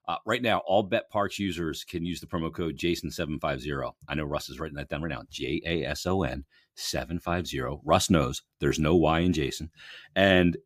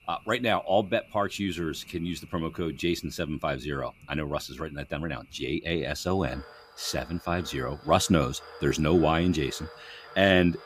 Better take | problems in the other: first | animal sounds; faint; throughout; 20 dB below the speech

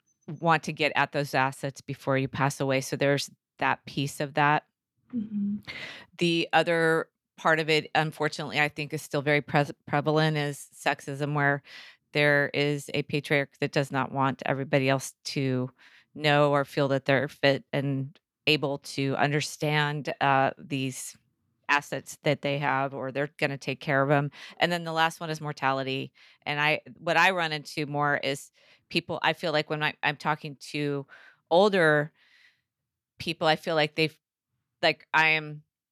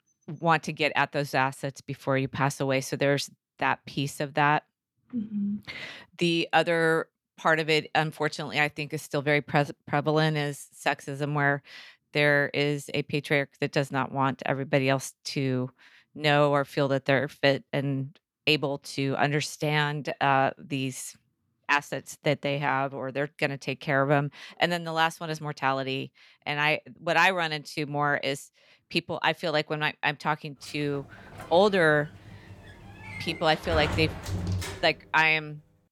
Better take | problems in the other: first | door banging; noticeable; from 31 to 35 s; peak 4 dB below the speech

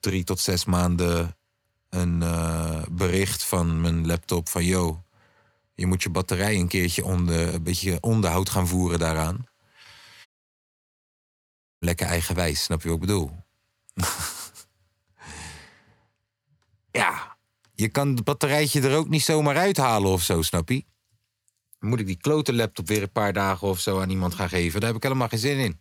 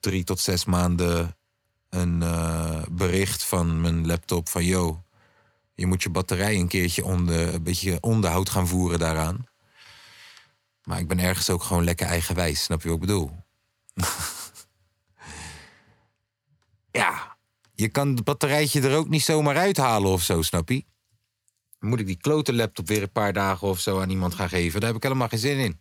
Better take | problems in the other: second | audio cutting out; at 10 s for 1.5 s

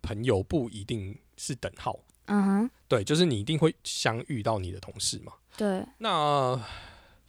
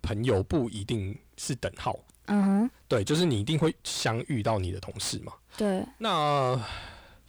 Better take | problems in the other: first | distortion; slight; 10 dB below the speech

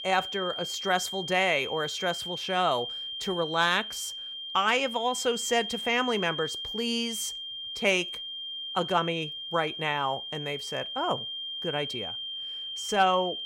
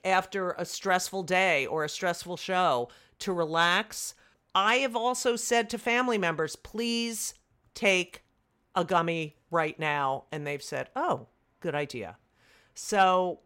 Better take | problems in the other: second | high-pitched whine; loud; throughout; 3 kHz, 5 dB below the speech

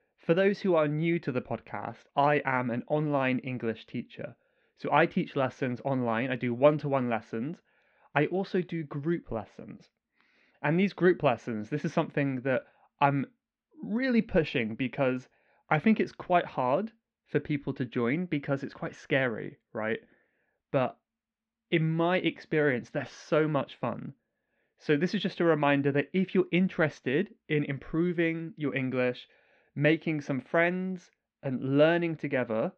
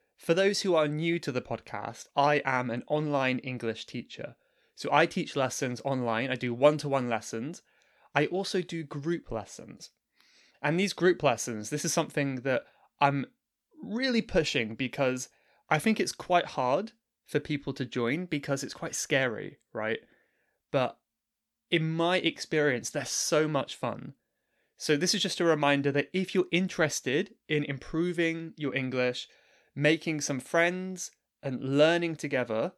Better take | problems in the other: second | muffled; very; fading above 2.5 kHz

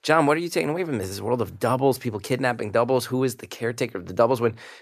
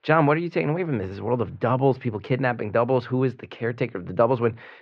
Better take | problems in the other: first | muffled; very; fading above 3 kHz

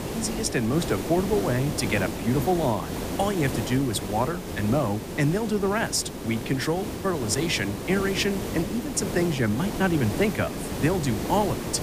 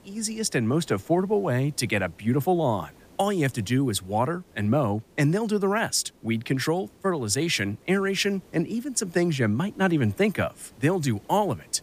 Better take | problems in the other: second | hiss; loud; throughout; 6 dB below the speech; faint in the second

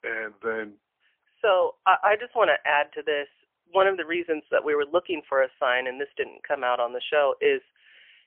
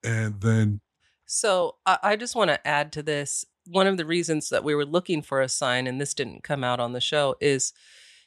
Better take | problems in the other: second | phone-call audio; poor line; nothing above 3 kHz

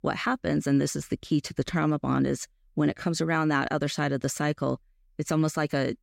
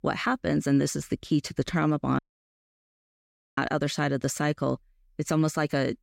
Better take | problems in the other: first | audio cutting out; at 2 s for 1.5 s

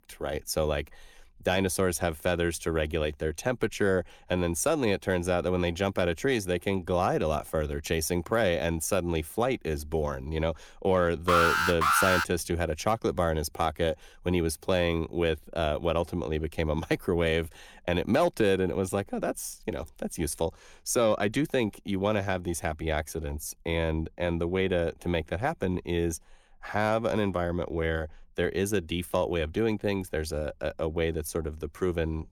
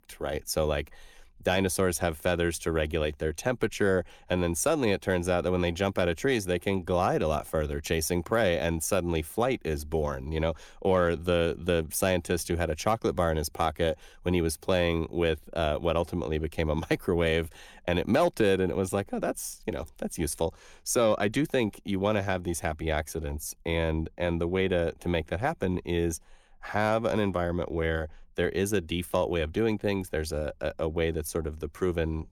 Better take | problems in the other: second | alarm; loud; at 11 s; peak 6 dB above the speech

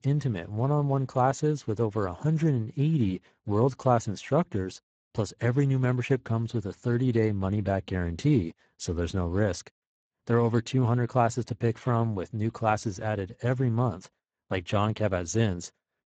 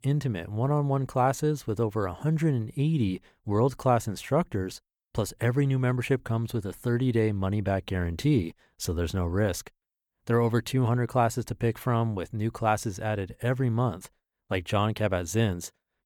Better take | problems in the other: second | garbled, watery; badly; nothing above 7.5 kHz

